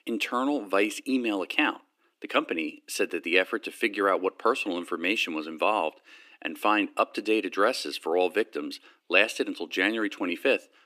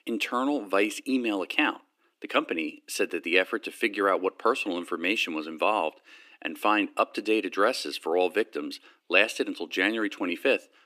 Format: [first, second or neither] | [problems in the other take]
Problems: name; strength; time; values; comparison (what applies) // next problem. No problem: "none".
neither | thin; very slightly; fading below 300 Hz; the same in both